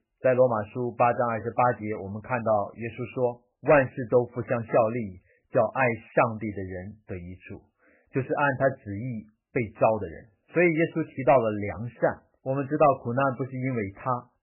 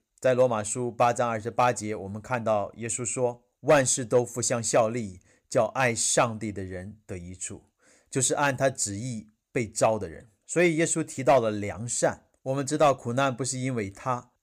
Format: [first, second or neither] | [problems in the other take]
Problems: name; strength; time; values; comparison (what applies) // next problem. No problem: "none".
second | garbled, watery; badly; nothing above 2.5 kHz